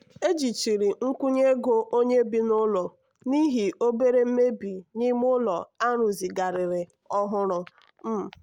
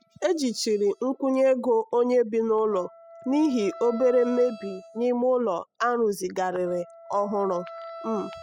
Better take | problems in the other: first | noise reduction (classical method spectral subtraction)

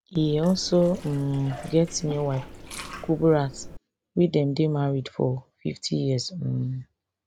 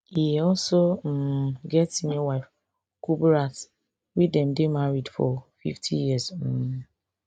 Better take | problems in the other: second | background sound (Liquid); 15 dB below the speech

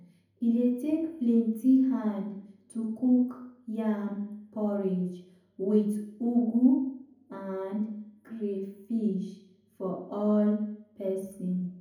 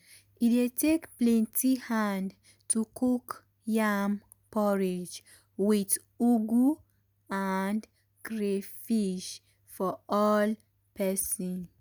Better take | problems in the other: second | room echo; dies away in 0.7 s

